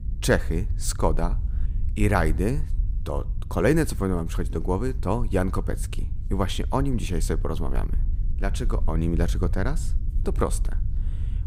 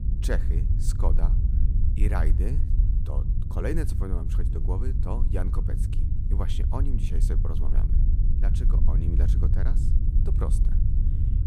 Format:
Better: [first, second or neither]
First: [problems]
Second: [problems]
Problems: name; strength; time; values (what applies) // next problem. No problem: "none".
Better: first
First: low rumble; faint; throughout; 20 dB below the speech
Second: low rumble; loud; throughout; 4 dB below the speech